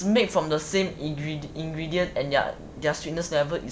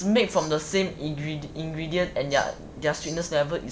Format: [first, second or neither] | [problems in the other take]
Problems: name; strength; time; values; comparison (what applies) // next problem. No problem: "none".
first | background sound (Tambourine); 16 dB below the speech